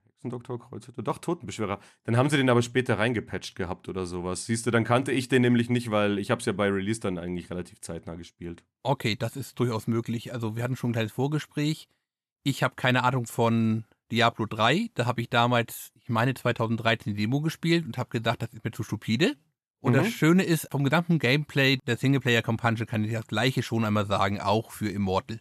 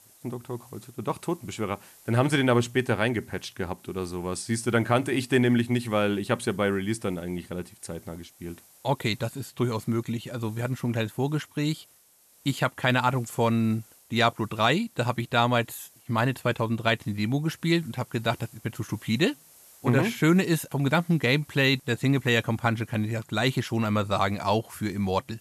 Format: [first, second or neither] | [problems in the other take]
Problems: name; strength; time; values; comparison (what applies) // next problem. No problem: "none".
first | hiss; faint; throughout; 25 dB below the speech